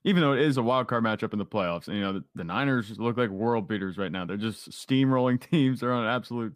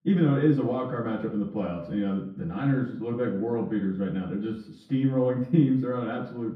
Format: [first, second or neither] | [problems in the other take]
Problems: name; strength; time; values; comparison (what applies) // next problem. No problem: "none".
first | room echo; noticeable; dies away in 0.6 s // off-mic speech; far